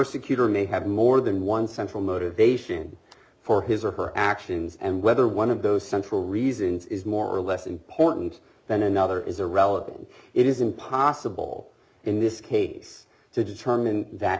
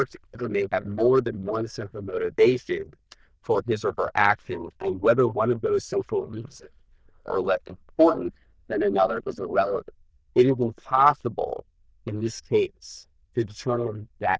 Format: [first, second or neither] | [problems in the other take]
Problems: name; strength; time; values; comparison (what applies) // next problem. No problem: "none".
first | noise reduction (neural diffusion model UNIVERSE++)